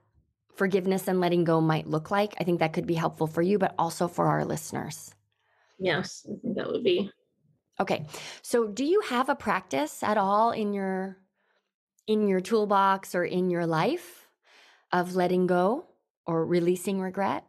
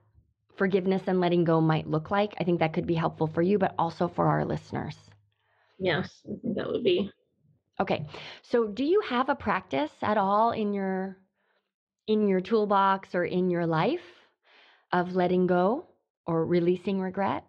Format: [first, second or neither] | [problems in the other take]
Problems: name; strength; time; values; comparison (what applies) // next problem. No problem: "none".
first | muffled; very slightly; fading above 4 kHz